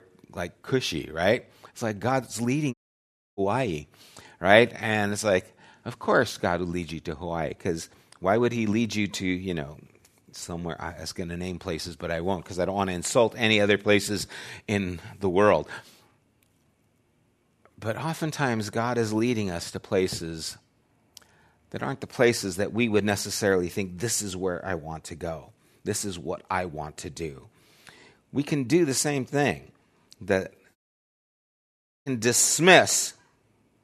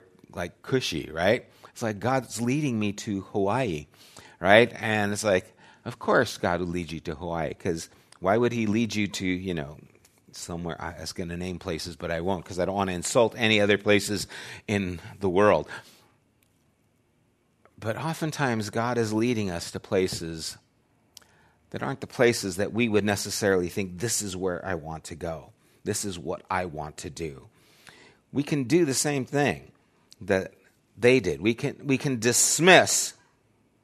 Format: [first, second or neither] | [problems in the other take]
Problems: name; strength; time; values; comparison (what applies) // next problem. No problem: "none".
second | audio cutting out; at 2.5 s for 0.5 s and at 31 s for 1.5 s